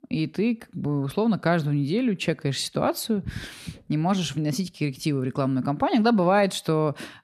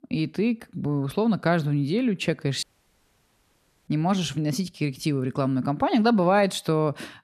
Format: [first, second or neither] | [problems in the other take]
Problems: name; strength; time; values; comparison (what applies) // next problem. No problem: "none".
first | audio cutting out; at 2.5 s for 1.5 s